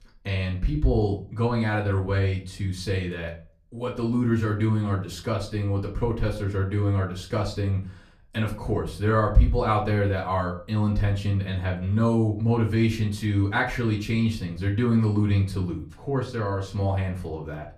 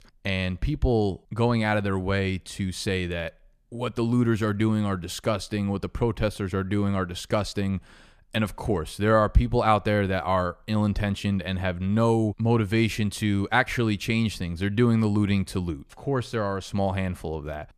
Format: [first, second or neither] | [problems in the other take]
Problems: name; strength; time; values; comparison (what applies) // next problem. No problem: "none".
second | off-mic speech; far // room echo; very slight; dies away in 0.3 s